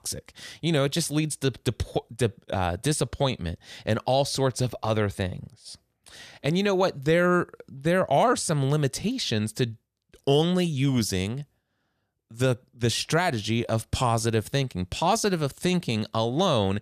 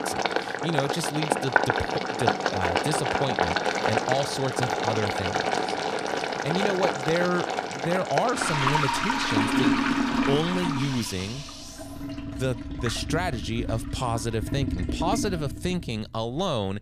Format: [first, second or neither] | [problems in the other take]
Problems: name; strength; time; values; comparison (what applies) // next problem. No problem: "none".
first | household noises; very loud; throughout; 2 dB above the speech